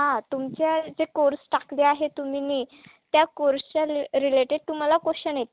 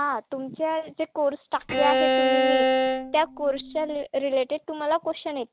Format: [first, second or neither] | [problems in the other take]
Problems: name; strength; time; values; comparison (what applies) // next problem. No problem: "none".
first | background sound (Bowed string instrument); 3 dB above the speech